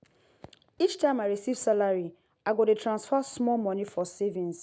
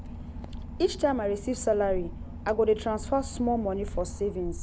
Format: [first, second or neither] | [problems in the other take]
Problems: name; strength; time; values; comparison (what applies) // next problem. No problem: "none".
first | background sound (Engine / Boat, Water vehicle); 9 dB below the speech